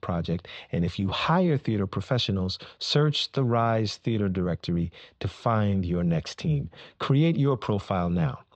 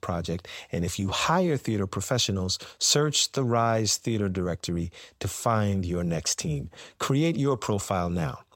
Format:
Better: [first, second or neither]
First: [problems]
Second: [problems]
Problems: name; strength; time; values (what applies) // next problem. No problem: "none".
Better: second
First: muffled; slightly; fading above 4 kHz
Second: none